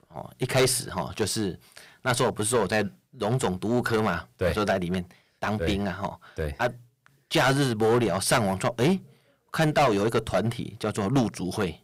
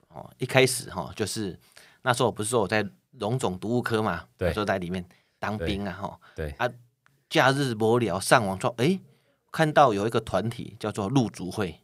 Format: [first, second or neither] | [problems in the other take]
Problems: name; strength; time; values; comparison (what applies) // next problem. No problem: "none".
second | distortion; heavy; 6% of the sound clipped